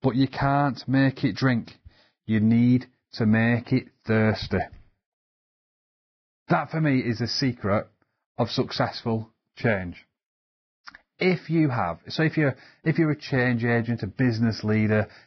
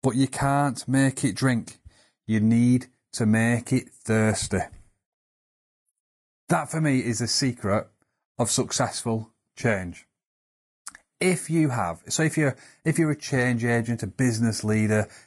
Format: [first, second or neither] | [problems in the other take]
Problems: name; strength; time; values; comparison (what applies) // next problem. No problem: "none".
second | garbled, watery; badly; nothing above 5.5 kHz; slightly in the second